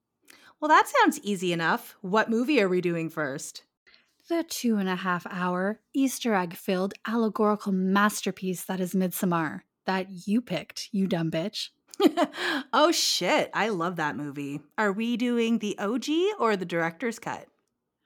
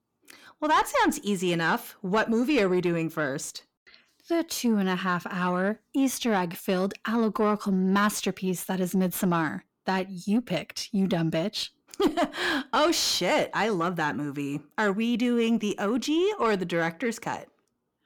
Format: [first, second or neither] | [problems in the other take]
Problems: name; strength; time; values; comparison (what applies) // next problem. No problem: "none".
first | distortion; slight; 10 dB below the speech